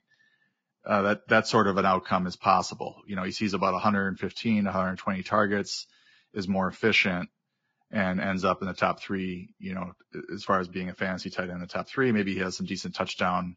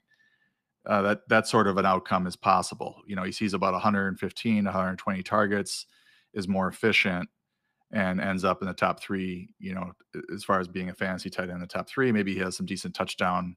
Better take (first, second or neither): second